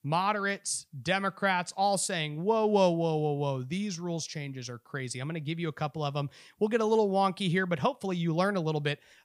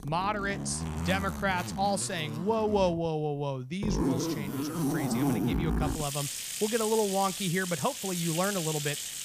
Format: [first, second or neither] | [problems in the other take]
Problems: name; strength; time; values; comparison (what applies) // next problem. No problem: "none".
first | household noises; loud; throughout; 2 dB below the speech